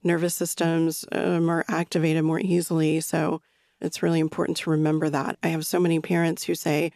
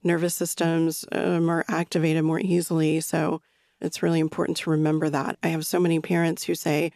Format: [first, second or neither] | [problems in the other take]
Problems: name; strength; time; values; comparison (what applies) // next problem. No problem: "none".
neither | none